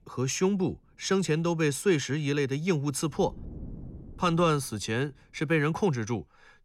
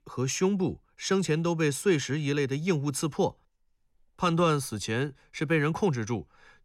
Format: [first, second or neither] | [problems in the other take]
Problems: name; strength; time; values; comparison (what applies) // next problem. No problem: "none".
second | wind noise on the microphone; occasional gusts; until 2 s and from 3 to 5.5 s; 25 dB below the speech